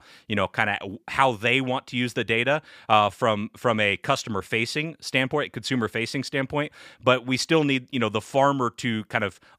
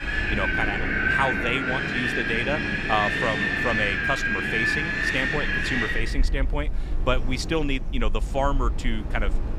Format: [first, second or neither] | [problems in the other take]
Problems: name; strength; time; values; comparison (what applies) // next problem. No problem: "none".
first | wind in the background; very loud; throughout; 3 dB above the speech